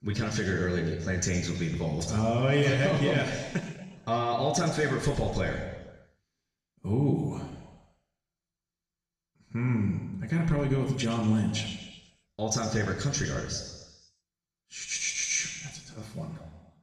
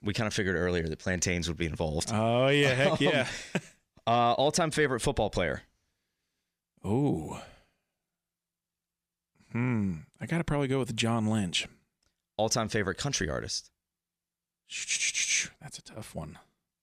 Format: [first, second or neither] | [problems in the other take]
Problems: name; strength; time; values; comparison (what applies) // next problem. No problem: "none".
second | room echo; noticeable; dies away in 1.2 s // off-mic speech; far